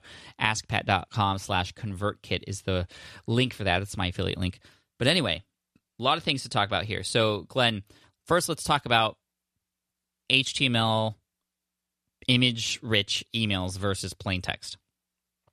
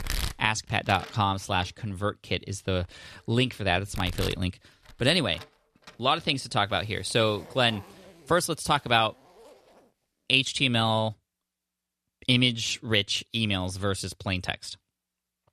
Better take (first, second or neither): first